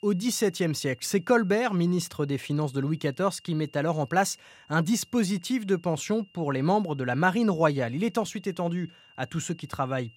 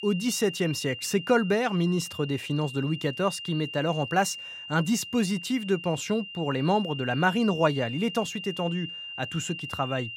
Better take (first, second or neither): first